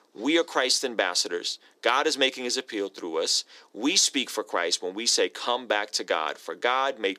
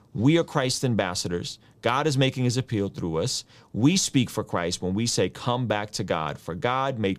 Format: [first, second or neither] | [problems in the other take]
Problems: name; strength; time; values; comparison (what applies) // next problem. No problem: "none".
second | thin; somewhat; fading below 300 Hz